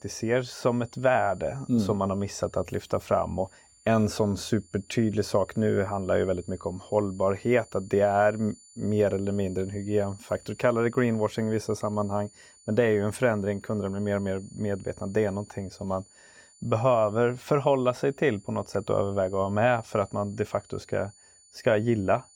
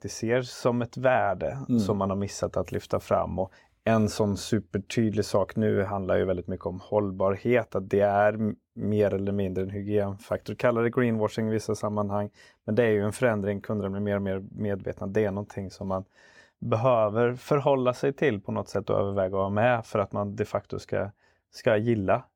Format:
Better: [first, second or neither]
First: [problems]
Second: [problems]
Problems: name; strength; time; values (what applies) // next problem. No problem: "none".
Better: second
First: high-pitched whine; faint; throughout; 7 kHz, 25 dB below the speech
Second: none